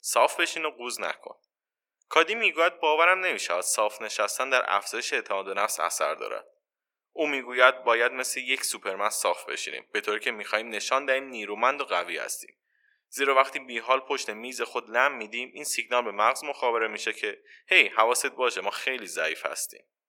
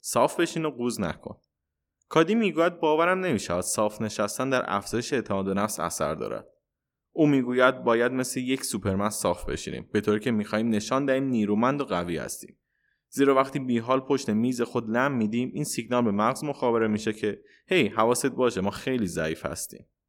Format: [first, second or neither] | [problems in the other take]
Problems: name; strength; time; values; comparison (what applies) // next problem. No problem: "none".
second | thin; very; fading below 550 Hz